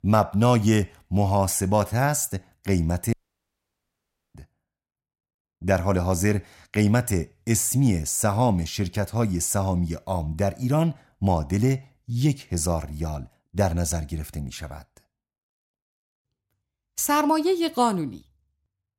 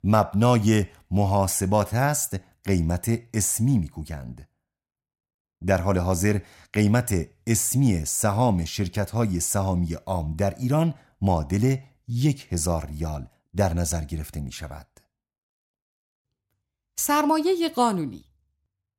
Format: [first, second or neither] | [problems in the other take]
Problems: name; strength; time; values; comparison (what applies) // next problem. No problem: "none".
second | audio cutting out; at 3 s for 1 s